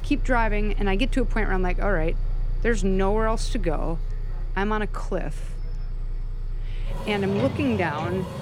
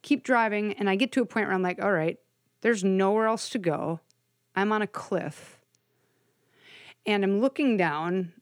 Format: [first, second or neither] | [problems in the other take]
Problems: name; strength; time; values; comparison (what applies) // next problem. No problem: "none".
second | traffic noise; loud; throughout; 6 dB below the speech